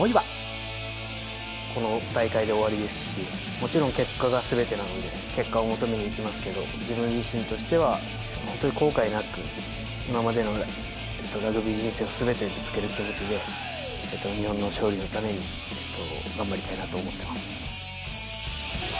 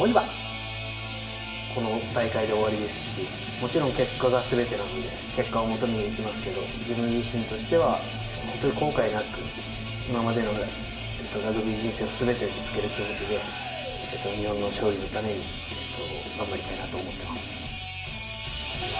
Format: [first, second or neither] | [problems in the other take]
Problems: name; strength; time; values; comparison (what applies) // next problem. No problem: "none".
first | room echo; dies away in 1.1 s